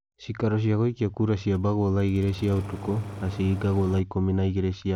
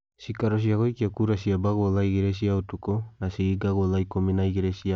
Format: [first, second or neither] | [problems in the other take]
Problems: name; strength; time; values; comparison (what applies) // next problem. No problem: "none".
second | background sound (Engine starting); 13 dB below the speech